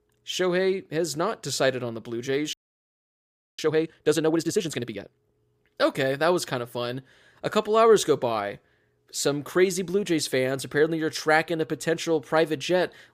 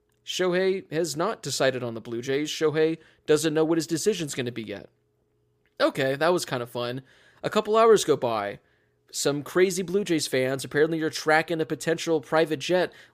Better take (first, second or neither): second